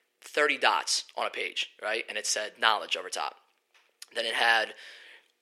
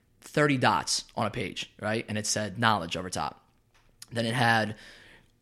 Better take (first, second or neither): second